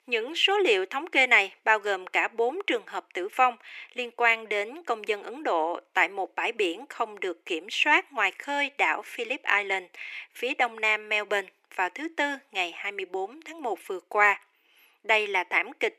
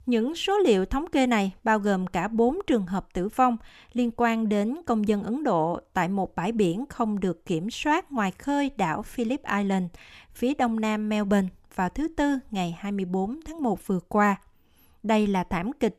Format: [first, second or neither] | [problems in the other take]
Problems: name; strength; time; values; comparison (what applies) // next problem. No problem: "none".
second | thin; very; fading below 350 Hz